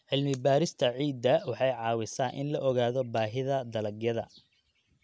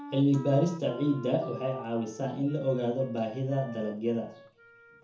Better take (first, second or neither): first